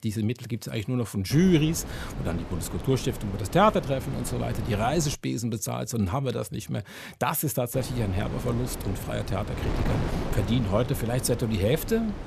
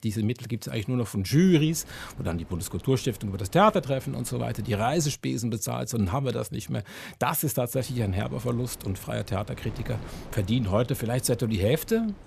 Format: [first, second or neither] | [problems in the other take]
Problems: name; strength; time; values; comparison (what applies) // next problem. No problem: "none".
second | wind noise on the microphone; heavy; from 1.5 to 5 s and from 7.5 s on; 9 dB below the speech; occasional gusts in the second